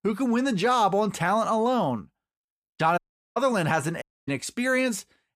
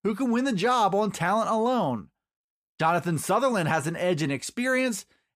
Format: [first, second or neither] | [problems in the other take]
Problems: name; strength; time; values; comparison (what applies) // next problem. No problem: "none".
second | audio cutting out; at 3 s and at 4 s